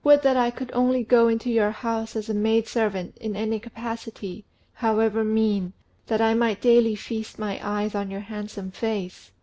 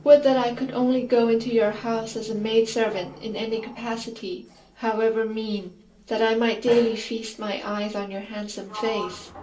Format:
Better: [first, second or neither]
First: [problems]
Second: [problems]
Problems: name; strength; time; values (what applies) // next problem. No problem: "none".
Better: first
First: none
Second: background sound (Sliding door); 19 dB below the speech // room echo; dies away in 0.3 s